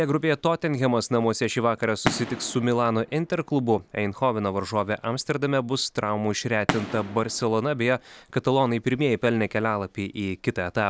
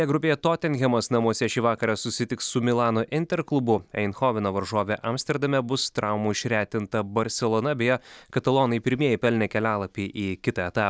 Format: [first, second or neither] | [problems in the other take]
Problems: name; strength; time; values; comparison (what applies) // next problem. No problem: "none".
second | background sound (Fireworks); 14 dB below the speech